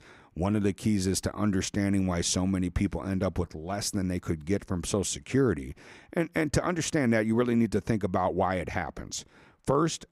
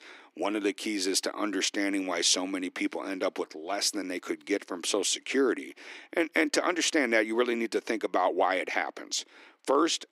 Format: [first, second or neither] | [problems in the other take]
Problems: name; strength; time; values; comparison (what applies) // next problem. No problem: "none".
first | thin; somewhat; fading below 300 Hz